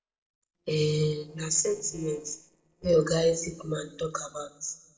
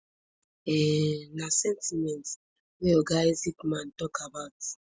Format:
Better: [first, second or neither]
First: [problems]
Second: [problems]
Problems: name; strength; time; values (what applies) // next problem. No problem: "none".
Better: second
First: noise reduction (neural separator model SepFormer DNS4)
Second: none